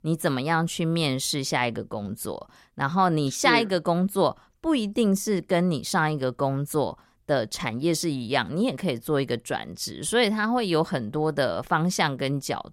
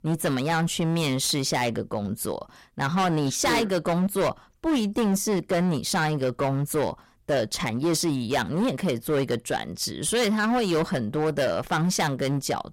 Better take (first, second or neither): first